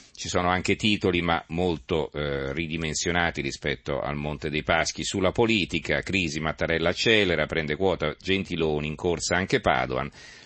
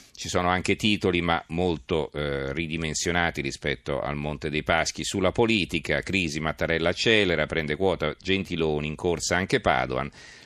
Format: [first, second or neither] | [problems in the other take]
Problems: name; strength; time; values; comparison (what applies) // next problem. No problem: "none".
second | garbled, watery; slightly; nothing above 8 kHz